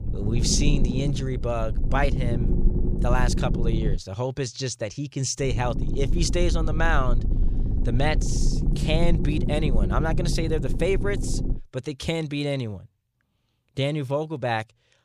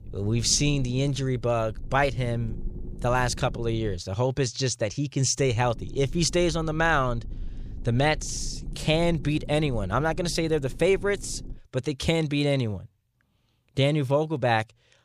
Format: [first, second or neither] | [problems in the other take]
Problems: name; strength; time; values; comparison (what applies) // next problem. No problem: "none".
second | low rumble; loud; until 4 s and from 5.5 to 12 s; 9 dB below the speech; faint in the second